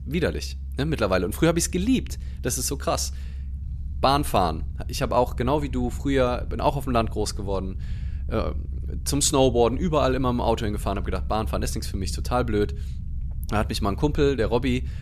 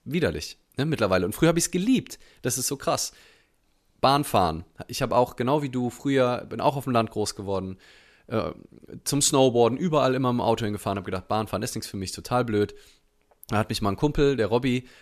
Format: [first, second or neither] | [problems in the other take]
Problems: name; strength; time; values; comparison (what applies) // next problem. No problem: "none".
second | low rumble; faint; throughout; 25 dB below the speech